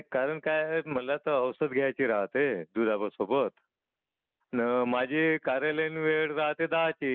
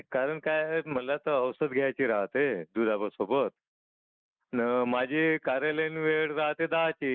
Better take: first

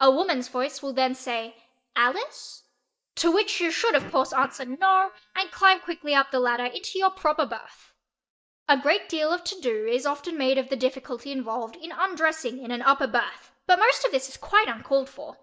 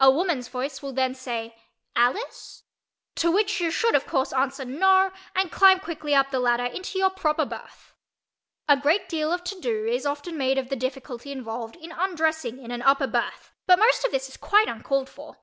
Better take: second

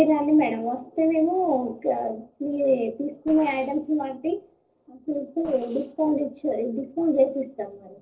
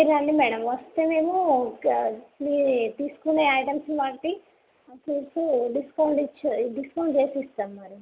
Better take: second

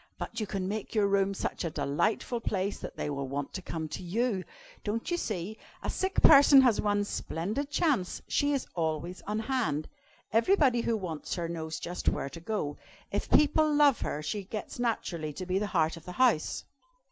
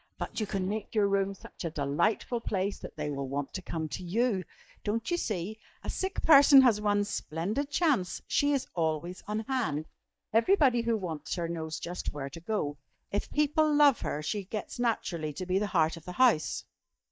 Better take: first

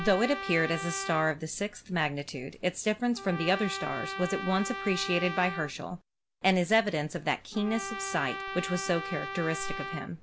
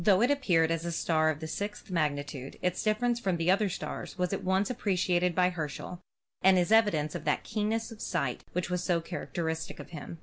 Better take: second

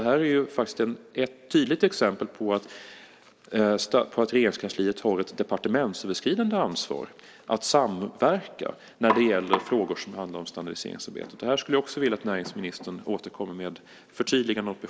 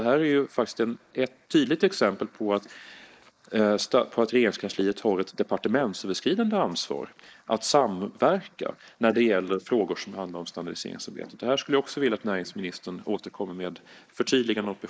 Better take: first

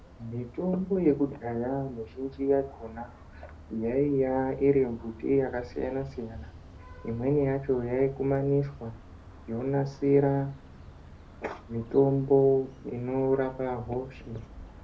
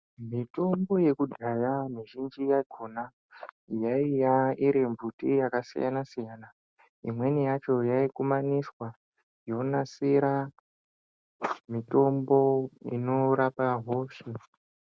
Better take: second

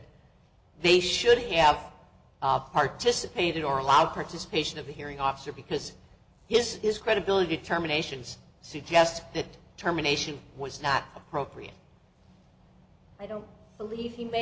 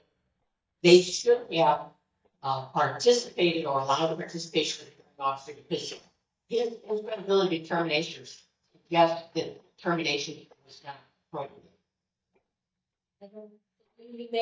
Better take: first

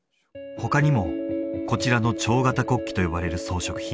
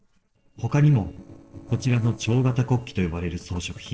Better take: first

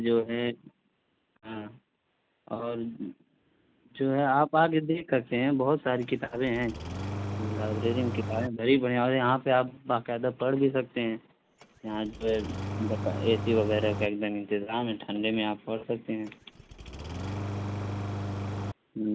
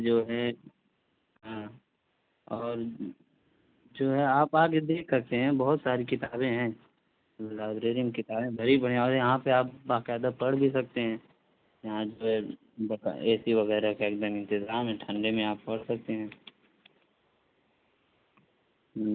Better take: second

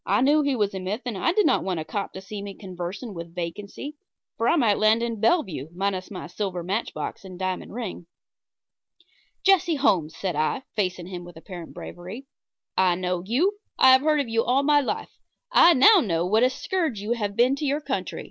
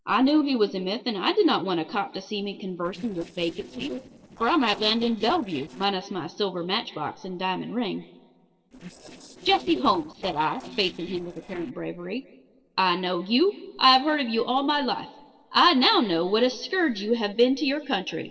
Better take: first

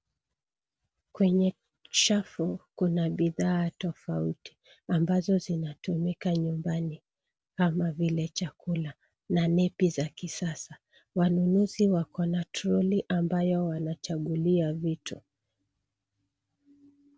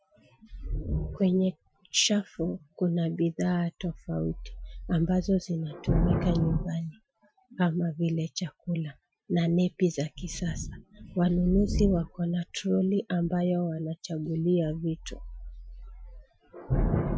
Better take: first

